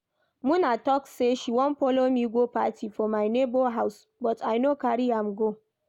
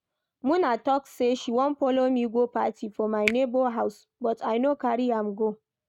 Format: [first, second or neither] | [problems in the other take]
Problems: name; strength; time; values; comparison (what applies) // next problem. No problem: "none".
first | noise reduction (neural mask model RNNoise)